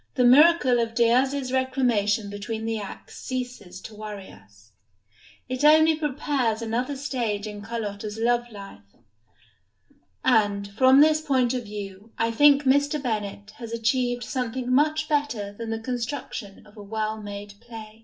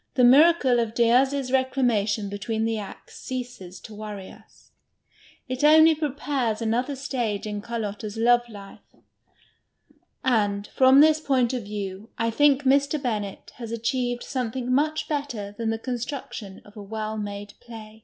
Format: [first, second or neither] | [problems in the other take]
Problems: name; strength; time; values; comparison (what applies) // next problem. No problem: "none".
second | room echo; dies away in 0.2 s